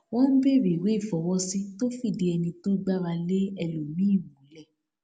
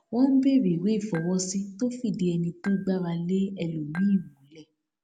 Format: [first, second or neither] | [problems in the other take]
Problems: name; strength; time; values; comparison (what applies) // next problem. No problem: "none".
first | background sound (Dishes, pots, and pans / Chink, clink); 19 dB below the speech